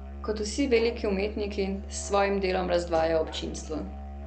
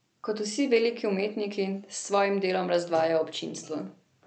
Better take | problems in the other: second | background sound (Musical instrument); 10 dB below the speech

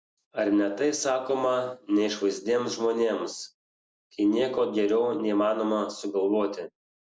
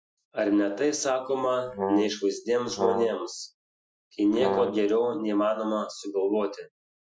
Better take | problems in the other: first | noise reduction (classical method Wiener filter)

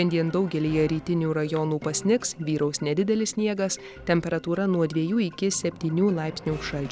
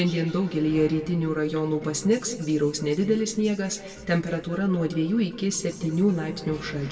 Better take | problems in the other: first | room echo; dies away in 1.5 s

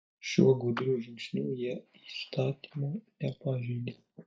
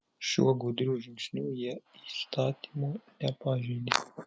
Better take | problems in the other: second | noise reduction (neural mask model DeepFilterNet 3)

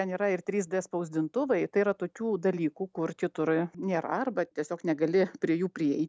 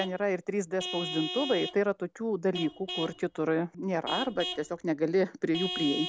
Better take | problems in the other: first | background sound (Vehicle horn, car horn, honking / Truck); 9 dB below the speech

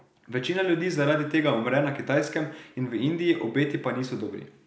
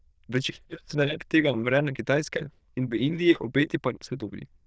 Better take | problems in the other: first | noise reduction (neural diffusion model UNIVERSE++)

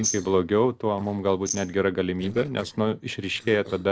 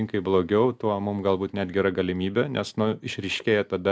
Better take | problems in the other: second | noise reduction (neural separator model SepFormer DNS4)

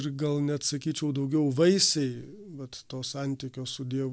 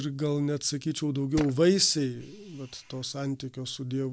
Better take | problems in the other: first | background sound (Tools); 16 dB below the speech

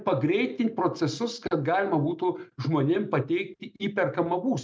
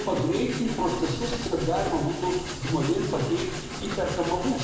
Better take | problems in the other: first | background sound (Train); 7 dB below the speech // room echo; dies away in 1 s

